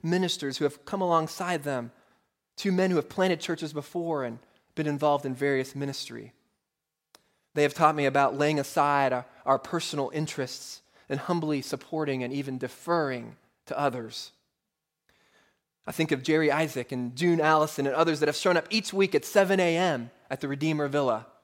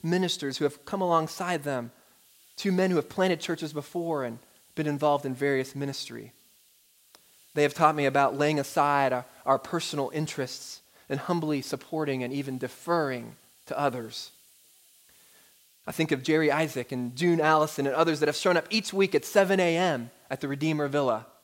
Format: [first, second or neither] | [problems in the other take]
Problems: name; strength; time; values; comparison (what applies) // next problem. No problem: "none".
first | hiss; faint; throughout; 30 dB below the speech